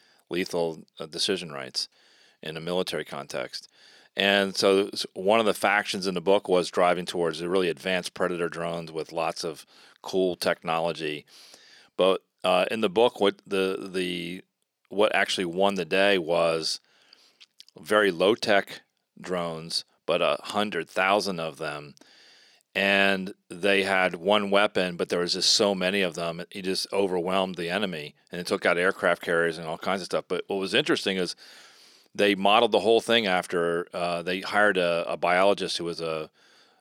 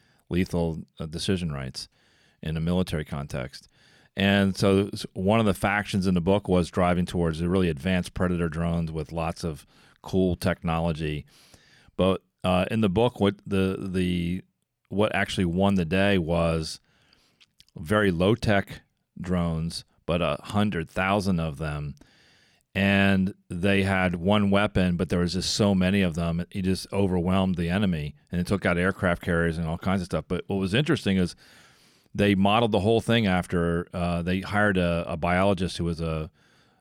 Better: second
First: thin; somewhat; fading below 400 Hz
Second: none

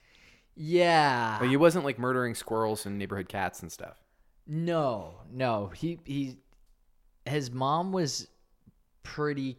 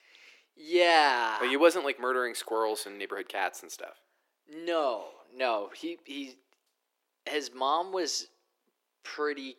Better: first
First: none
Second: thin; somewhat; fading below 300 Hz

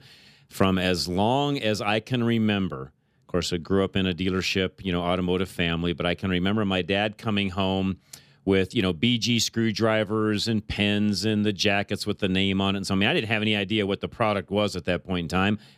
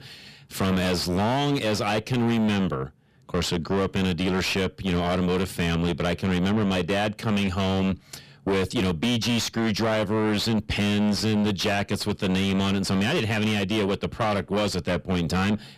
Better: first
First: none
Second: distortion; heavy; 5 dB below the speech

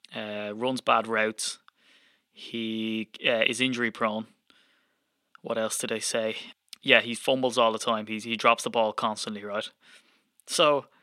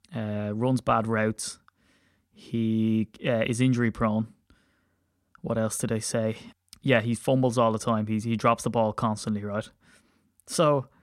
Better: second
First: thin; somewhat; fading below 350 Hz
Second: none

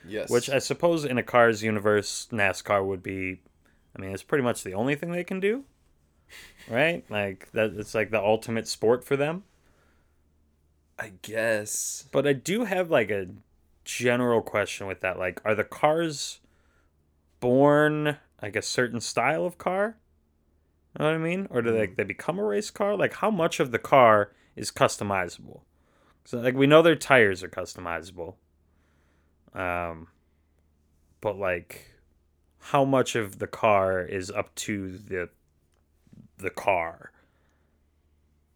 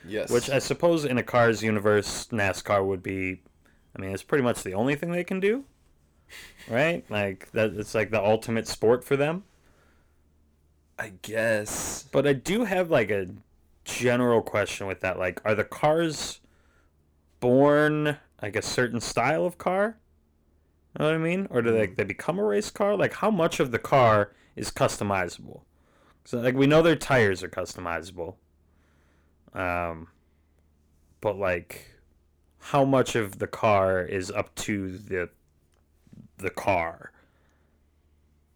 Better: first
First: none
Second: distortion; slight; 10 dB below the speech

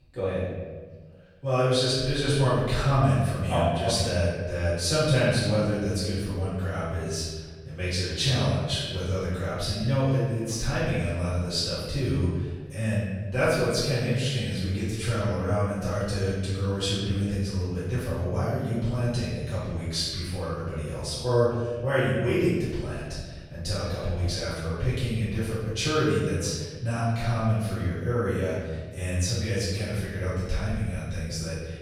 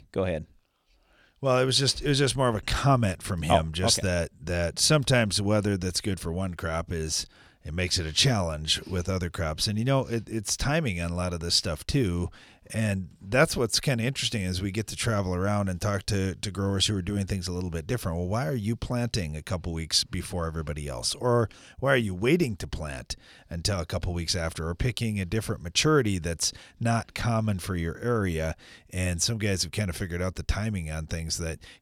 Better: second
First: room echo; strong; dies away in 1.4 s // off-mic speech; far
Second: none

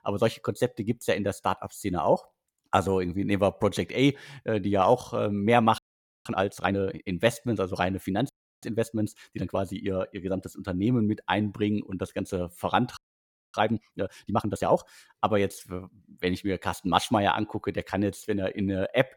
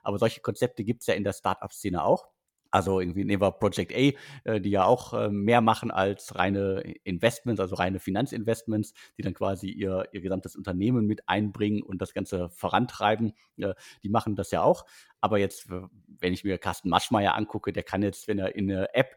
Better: second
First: audio freezing; at 6 s, at 8.5 s and at 13 s for 0.5 s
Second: none

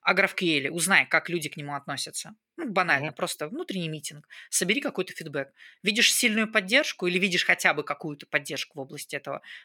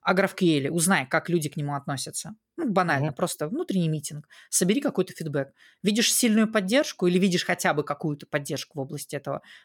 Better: second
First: thin; very slightly; fading below 300 Hz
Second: none

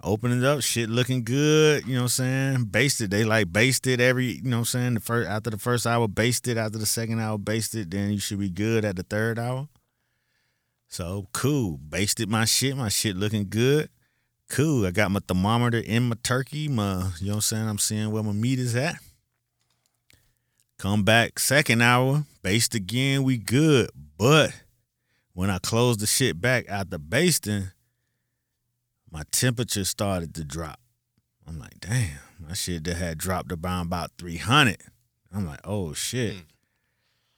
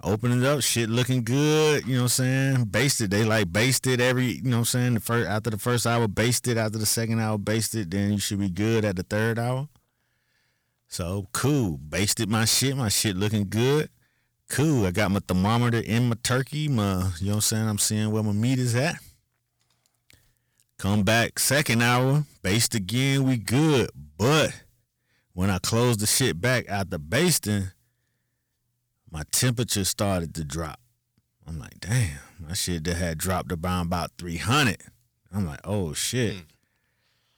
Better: first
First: none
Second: distortion; slight; 7% of the sound clipped

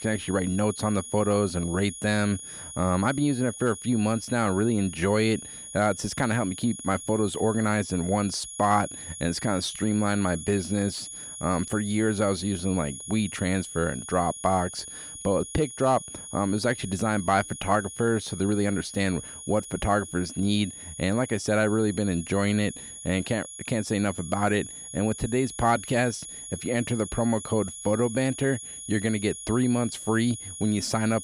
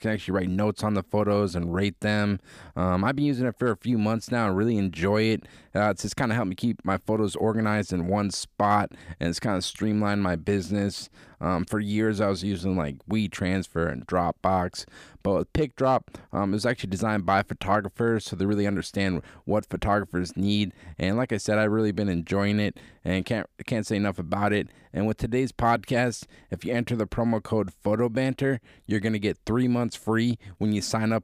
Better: second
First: high-pitched whine; noticeable; throughout; 10.5 kHz, 10 dB below the speech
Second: none

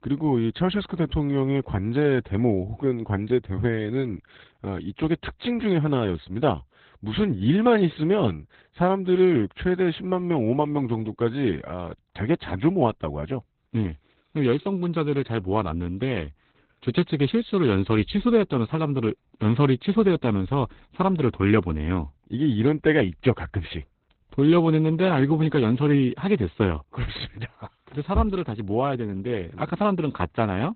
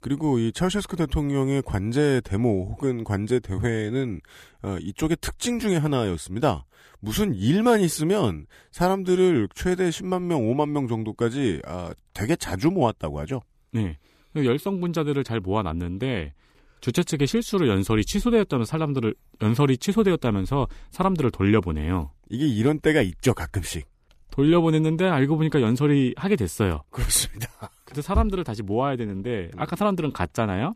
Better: second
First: garbled, watery; badly; nothing above 4 kHz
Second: none

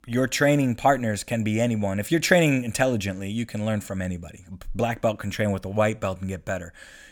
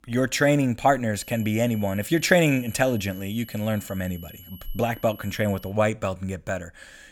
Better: first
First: none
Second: high-pitched whine; faint; from 1 to 5.5 s; 11.5 kHz, 20 dB below the speech

